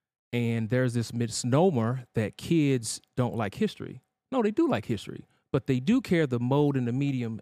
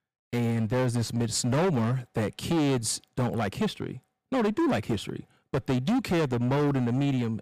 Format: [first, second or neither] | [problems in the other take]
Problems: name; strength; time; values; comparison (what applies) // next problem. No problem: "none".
first | distortion; heavy; 18% of the sound clipped